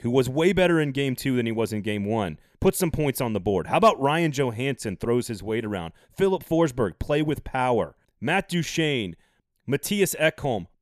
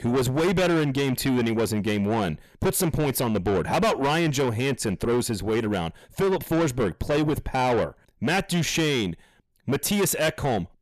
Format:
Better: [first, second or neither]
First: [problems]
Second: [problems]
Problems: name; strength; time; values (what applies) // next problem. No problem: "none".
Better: first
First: none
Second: distortion; heavy; 6 dB below the speech